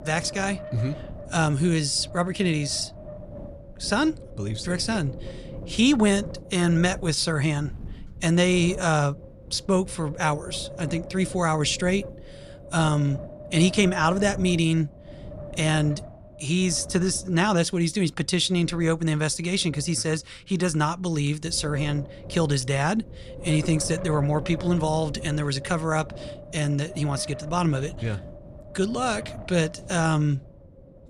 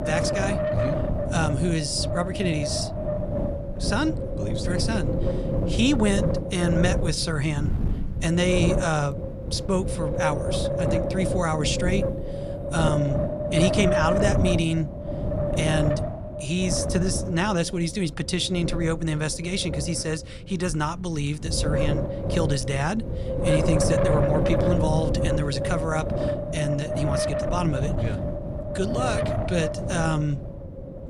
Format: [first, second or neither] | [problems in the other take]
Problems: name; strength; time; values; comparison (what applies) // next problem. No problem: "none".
first | wind noise on the microphone; heavy; as loud as the speech; occasional gusts in the first